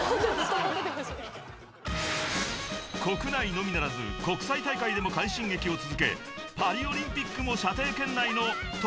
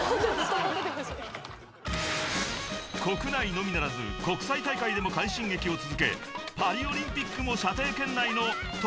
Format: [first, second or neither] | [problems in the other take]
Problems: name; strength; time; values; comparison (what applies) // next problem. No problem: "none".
first | background sound (Computer keyboard + Bowed string instrument); 18 dB below the speech